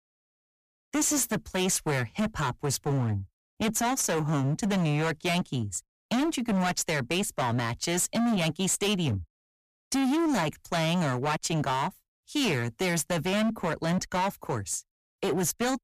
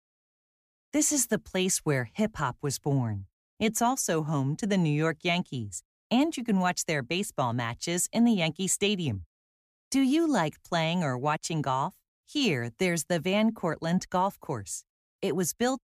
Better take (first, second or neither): second